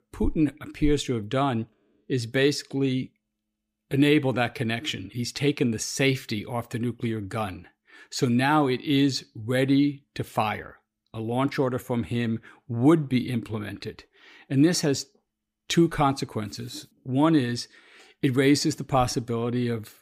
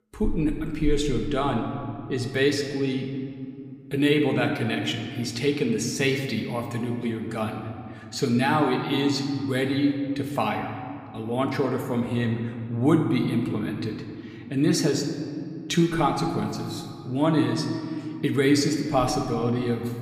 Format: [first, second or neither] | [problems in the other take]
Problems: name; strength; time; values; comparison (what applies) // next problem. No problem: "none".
first | room echo; slight; dies away in 1.8 s